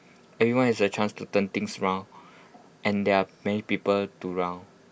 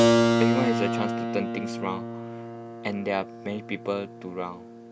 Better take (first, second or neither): first